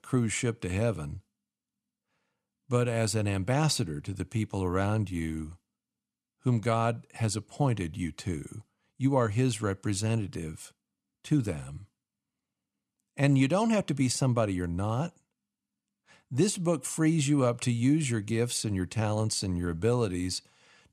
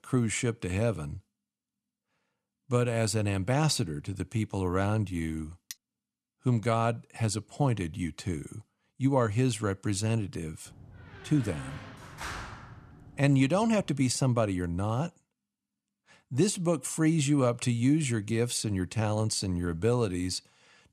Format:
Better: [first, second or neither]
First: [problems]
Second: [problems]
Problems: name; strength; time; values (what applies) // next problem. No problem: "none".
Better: first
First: none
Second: clattering dishes; very faint; at 5.5 s; peak 15 dB below the speech // door banging; noticeable; from 11 to 14 s; peak 9 dB below the speech